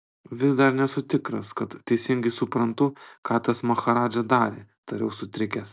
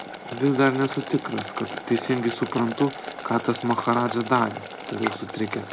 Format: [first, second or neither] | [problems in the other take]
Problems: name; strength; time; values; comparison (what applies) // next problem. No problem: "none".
first | background sound (Boiling); 10 dB below the speech